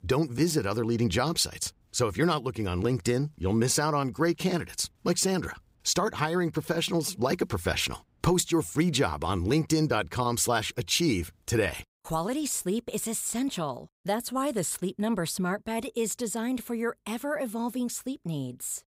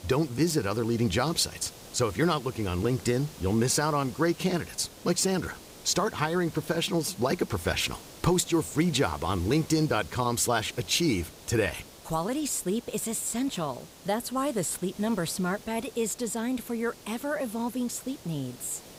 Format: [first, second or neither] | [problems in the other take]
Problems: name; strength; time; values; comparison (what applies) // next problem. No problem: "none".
first | hiss; noticeable; throughout; 20 dB below the speech